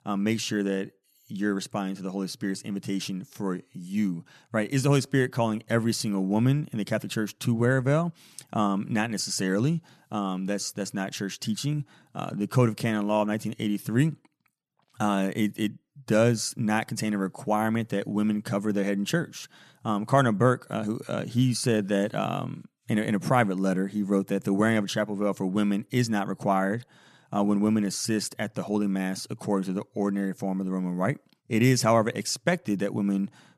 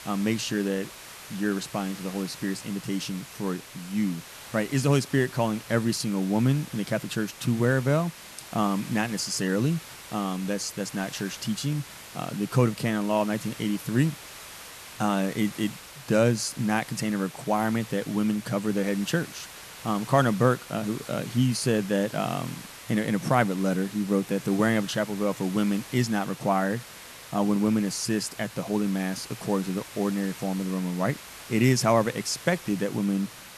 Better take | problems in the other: first | hiss; noticeable; throughout; 15 dB below the speech

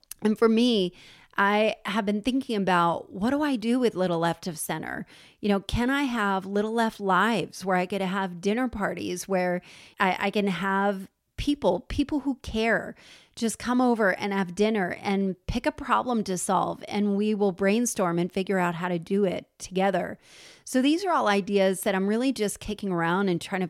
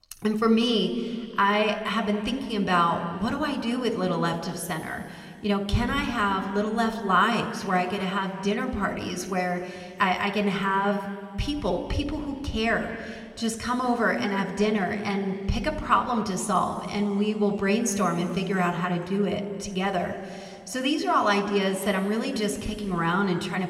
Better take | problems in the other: first | room echo; slight; dies away in 2.3 s

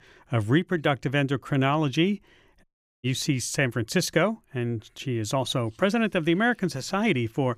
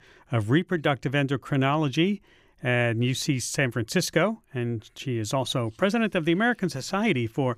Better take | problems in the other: second | audio cutting out; at 2.5 s

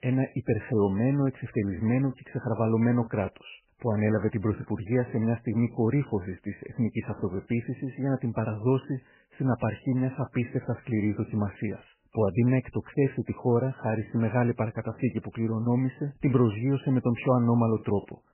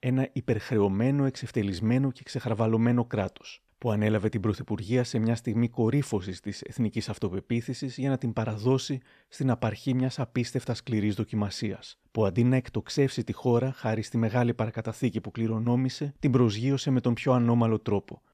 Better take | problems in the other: second | garbled, watery; badly; nothing above 3 kHz

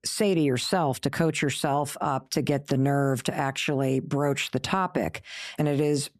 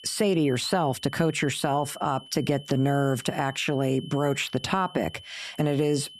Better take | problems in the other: first | high-pitched whine; noticeable; throughout; 3 kHz, 20 dB below the speech

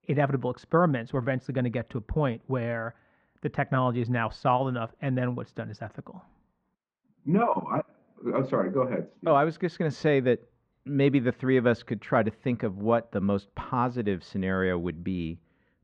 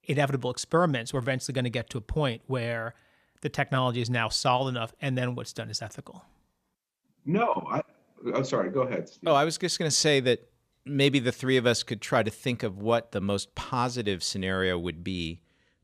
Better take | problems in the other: second | muffled; very; fading above 1.5 kHz

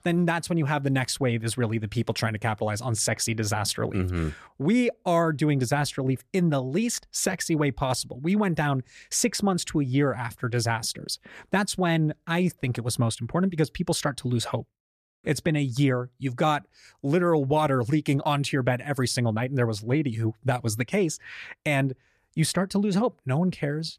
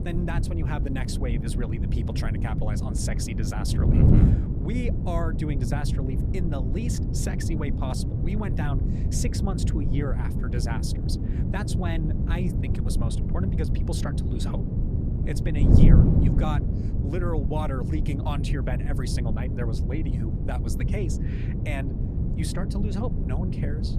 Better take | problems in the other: first | wind noise on the microphone; heavy; 1 dB below the speech

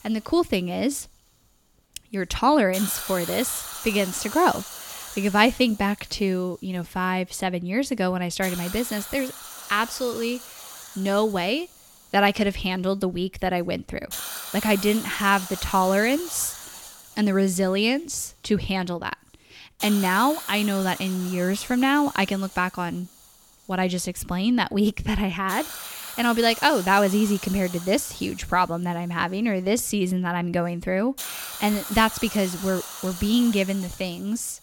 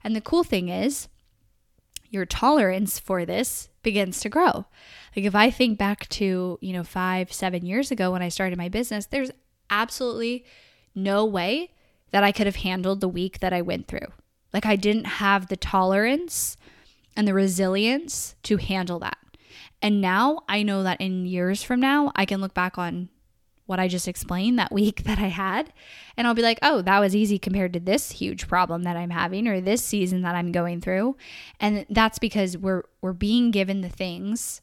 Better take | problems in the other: second | hiss; noticeable; throughout; 10 dB below the speech

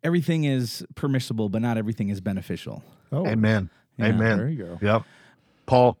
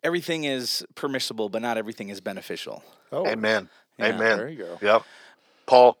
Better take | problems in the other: first | thin; very; fading below 500 Hz

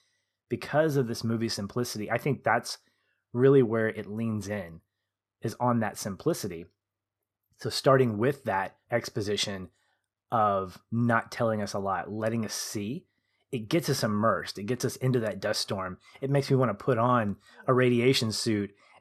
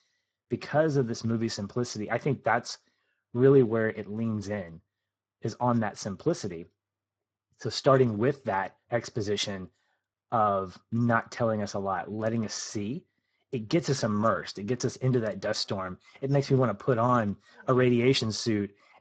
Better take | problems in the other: first | garbled, watery; badly; nothing above 7.5 kHz

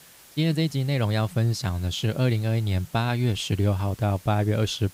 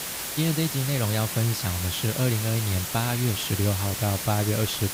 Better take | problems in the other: first | hiss; loud; throughout; 3 dB below the speech; faint in the first

